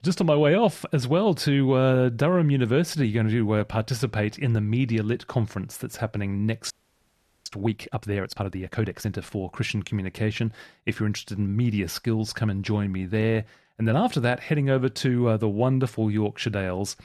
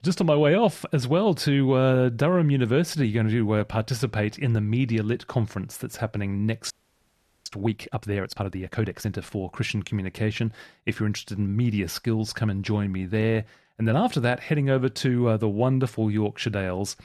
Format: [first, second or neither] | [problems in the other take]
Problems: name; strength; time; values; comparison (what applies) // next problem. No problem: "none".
neither | audio freezing; at 6.5 s for 1 s; the same in both